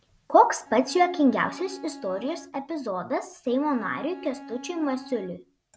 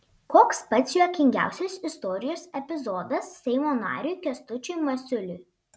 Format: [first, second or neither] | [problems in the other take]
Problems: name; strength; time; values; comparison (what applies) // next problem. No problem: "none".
second | background sound (Bowed string instrument); 17 dB below the speech